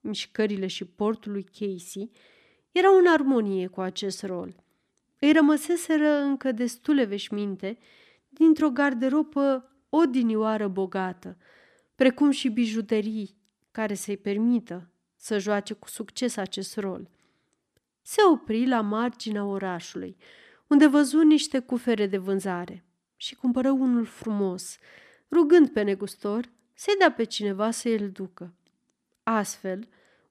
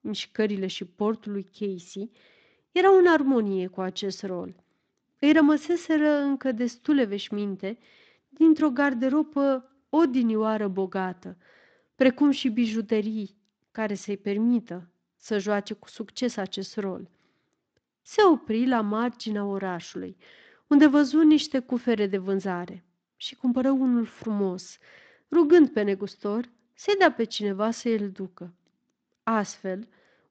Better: first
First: none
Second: garbled, watery; slightly; nothing above 7.5 kHz

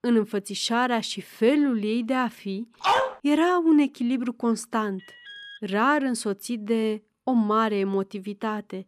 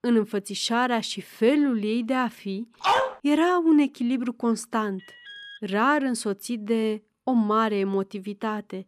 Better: neither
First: dog barking; loud; at 3 s; peak 2 dB above the speech // alarm; faint; at 5 s; peak 15 dB below the speech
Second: dog barking; loud; at 3 s; peak 2 dB above the speech // alarm; faint; at 5 s; peak 15 dB below the speech

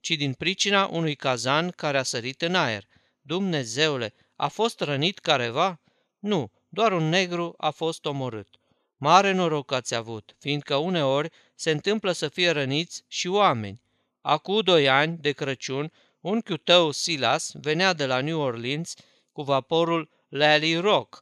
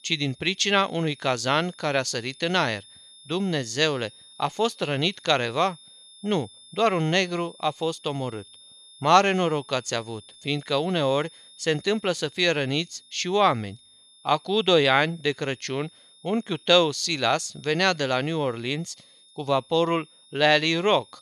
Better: first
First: none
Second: high-pitched whine; faint; throughout; 3.5 kHz, 25 dB below the speech

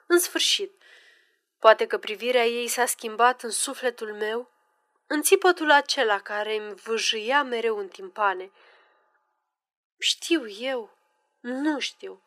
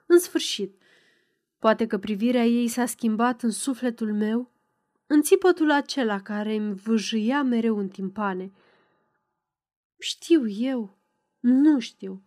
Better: second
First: thin; very; fading below 450 Hz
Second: none

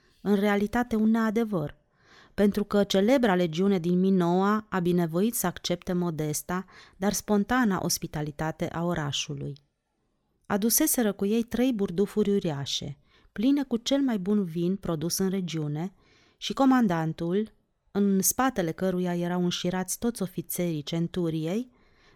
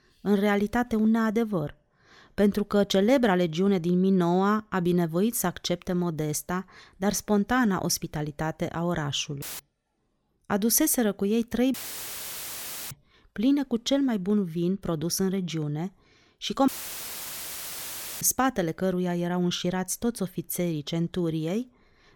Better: first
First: none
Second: audio cutting out; filled with static; at 9.5 s, at 12 s for 1 s and at 17 s for 1.5 s

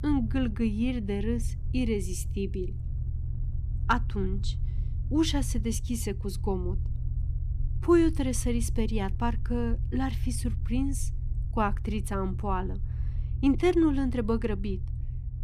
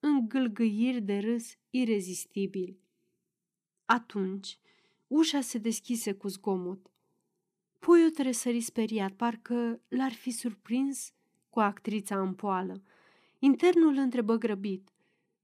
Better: second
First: low rumble; noticeable; throughout; 20 dB below the speech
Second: none

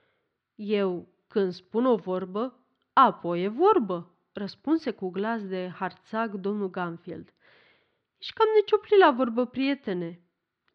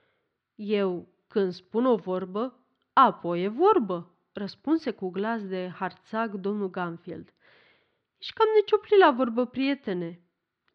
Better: neither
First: muffled; very slightly; fading above 4.5 kHz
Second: muffled; very slightly; fading above 4.5 kHz

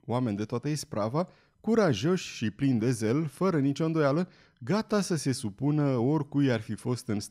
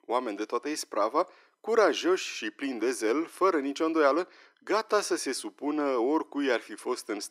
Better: first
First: none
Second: thin; somewhat; fading below 300 Hz

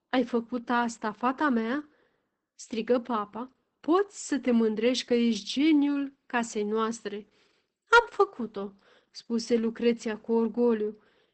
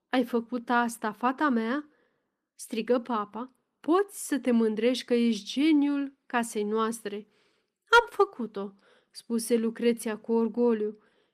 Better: second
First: garbled, watery; badly; nothing above 8 kHz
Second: garbled, watery; slightly; nothing above 14.5 kHz

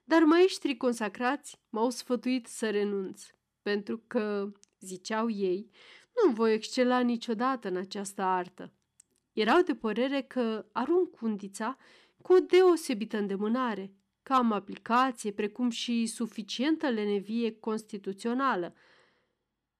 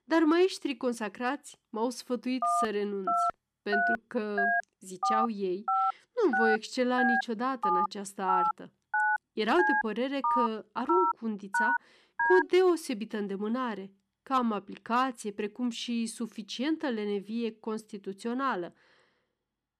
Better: first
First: none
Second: phone ringing; loud; from 2.5 to 12 s; peak 4 dB above the speech

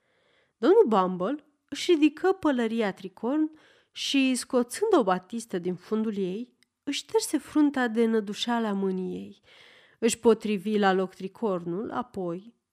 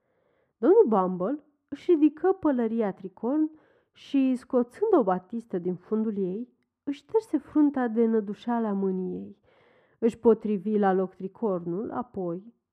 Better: first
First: none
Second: muffled; very; fading above 2 kHz

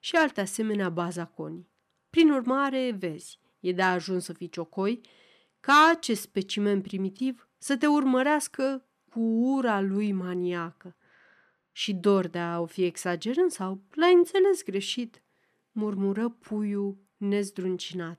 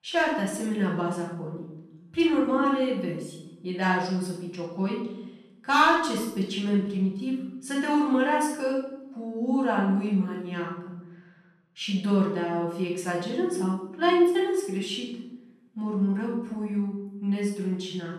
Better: first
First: none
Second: off-mic speech; far // room echo; noticeable; dies away in 1 s

